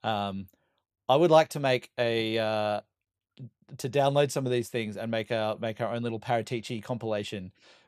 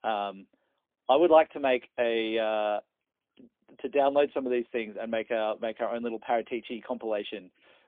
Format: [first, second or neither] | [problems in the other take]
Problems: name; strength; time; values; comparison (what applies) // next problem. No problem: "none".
first | phone-call audio; poor line; nothing above 3.5 kHz